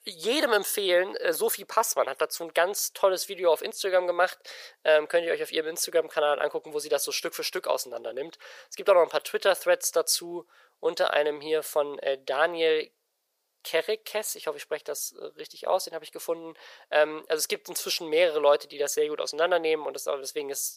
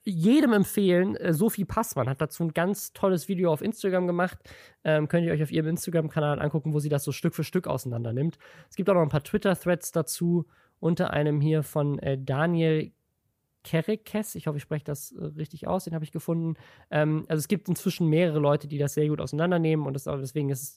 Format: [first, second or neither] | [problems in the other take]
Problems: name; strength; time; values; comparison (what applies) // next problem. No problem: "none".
second | thin; very; fading below 500 Hz